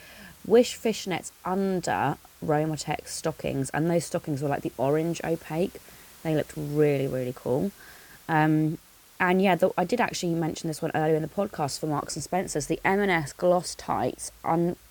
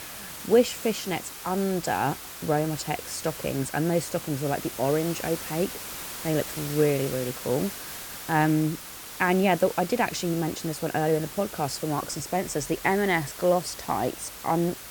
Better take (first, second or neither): first